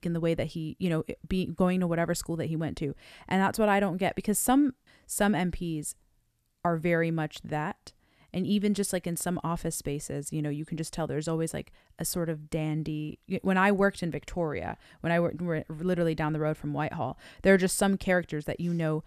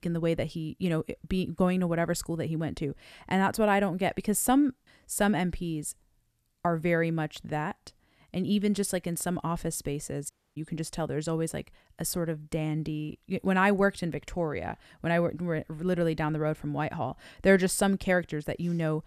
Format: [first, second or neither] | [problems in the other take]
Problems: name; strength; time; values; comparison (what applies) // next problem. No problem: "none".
first | audio cutting out; at 10 s